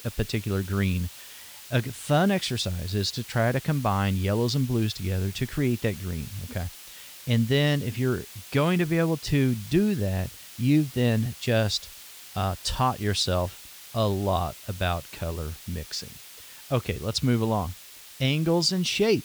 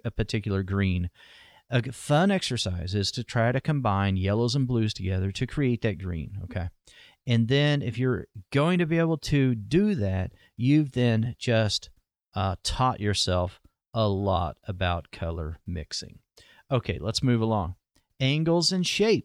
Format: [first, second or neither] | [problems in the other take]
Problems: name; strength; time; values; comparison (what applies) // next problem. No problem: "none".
second | hiss; noticeable; throughout; 15 dB below the speech